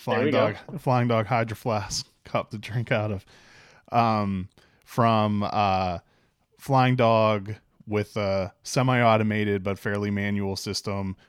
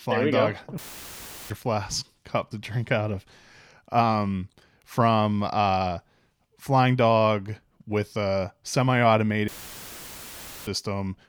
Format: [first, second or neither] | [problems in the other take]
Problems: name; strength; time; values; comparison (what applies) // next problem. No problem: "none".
first | audio cutting out; filled with static; at 1 s for 0.5 s and at 9.5 s for 1 s